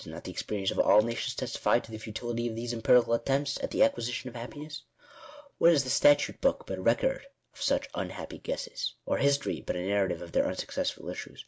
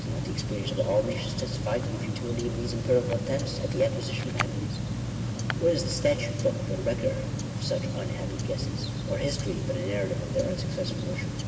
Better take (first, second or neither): first